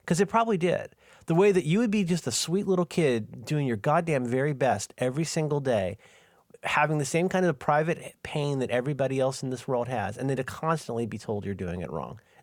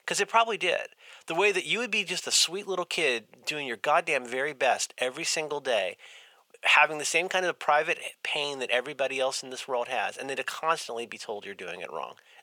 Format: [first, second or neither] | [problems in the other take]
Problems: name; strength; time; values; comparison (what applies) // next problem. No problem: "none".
first | thin; very; fading below 600 Hz